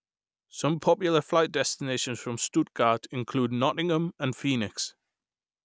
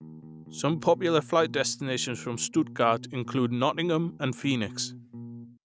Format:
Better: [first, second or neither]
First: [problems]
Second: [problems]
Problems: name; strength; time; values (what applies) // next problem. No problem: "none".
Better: first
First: none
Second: background sound (Bass guitar); 15 dB below the speech